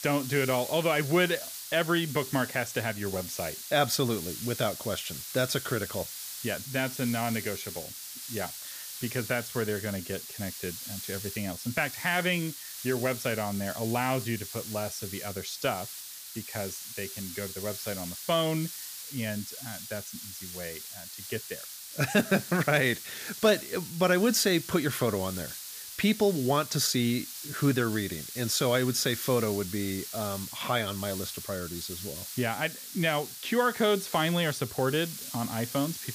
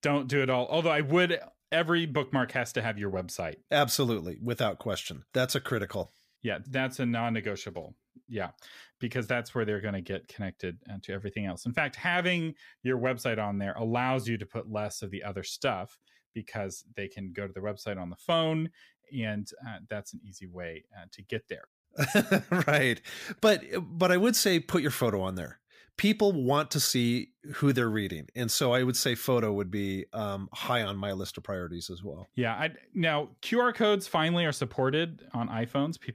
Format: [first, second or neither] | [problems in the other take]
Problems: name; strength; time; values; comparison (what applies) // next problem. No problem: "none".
second | hiss; loud; throughout; 8 dB below the speech